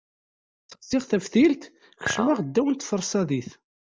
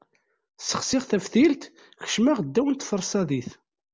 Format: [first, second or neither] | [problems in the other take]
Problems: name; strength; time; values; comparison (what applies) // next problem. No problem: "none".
second | noise reduction (neural mask model DeepFilterNet 3)